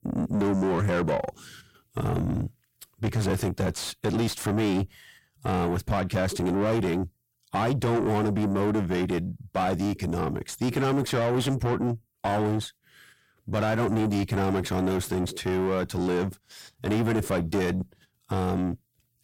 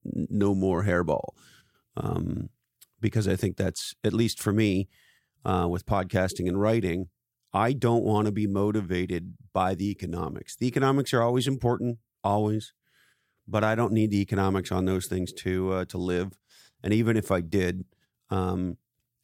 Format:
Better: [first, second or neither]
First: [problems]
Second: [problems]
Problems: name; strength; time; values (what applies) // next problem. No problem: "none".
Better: second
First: distortion; heavy; 6 dB below the speech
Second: none